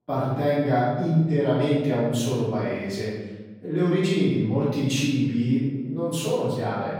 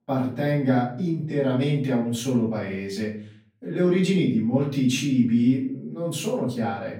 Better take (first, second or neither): second